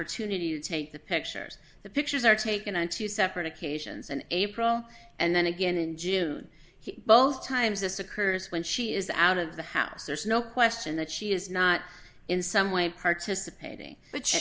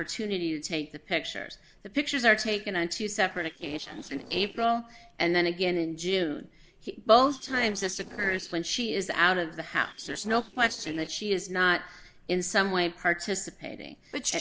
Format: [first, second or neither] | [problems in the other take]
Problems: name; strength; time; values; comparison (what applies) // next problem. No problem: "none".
first | noise reduction (neural separator model SepFormer DNS4)